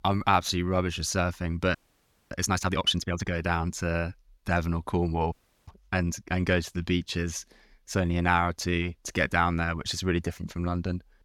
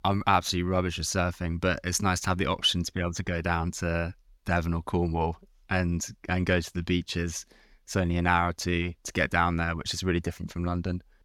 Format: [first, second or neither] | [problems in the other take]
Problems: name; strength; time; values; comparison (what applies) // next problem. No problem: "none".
second | audio freezing; at 2 s for 0.5 s and at 5.5 s